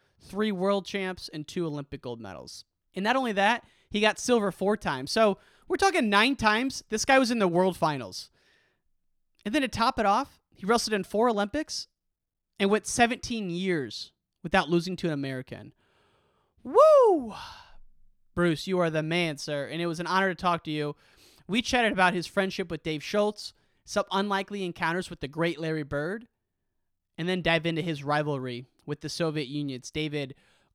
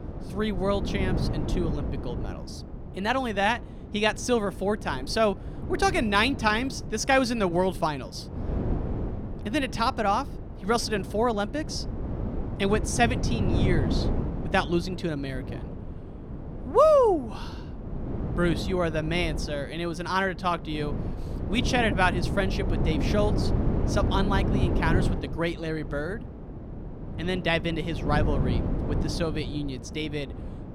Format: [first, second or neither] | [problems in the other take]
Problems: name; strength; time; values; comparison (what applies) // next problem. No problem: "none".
first | wind noise on the microphone; occasional gusts; 10 dB below the speech